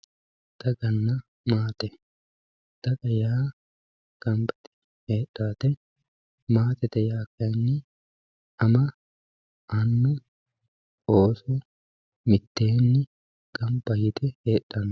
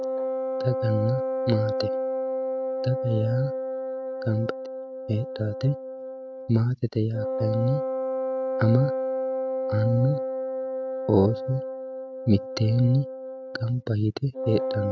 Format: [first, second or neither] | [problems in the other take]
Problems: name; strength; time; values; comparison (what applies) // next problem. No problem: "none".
first | background sound (Wind instrument, woodwind instrument); 3 dB below the speech